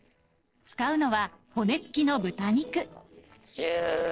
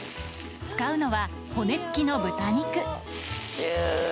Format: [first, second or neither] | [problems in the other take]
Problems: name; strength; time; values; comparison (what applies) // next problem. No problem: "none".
second | noise reduction (neural separator model SepFormer DNS4)